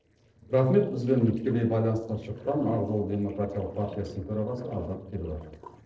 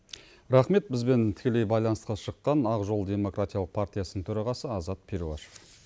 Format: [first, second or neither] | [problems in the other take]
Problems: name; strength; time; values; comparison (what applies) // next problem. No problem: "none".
second | noise reduction (neural separator model SepFormer DNS4)